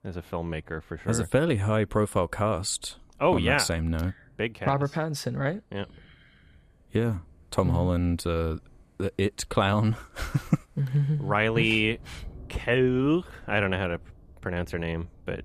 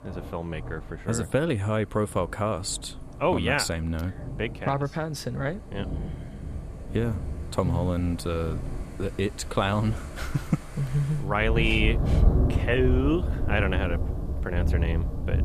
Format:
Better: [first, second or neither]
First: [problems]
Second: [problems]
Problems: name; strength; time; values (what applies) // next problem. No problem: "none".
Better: first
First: rain or running water; faint; throughout; 25 dB below the speech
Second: rain or running water; loud; throughout; 3 dB below the speech